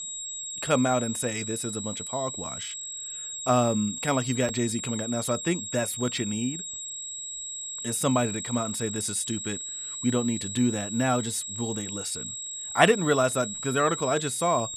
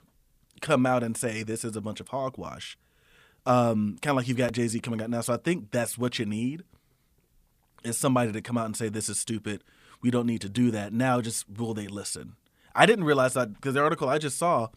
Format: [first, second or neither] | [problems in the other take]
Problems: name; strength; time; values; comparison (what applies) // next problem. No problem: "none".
second | high-pitched whine; loud; throughout; 7.5 kHz, 6 dB below the speech